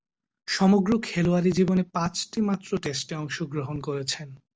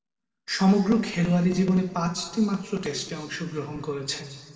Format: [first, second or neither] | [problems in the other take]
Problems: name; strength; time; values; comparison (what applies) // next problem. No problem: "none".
first | room echo; dies away in 1.7 s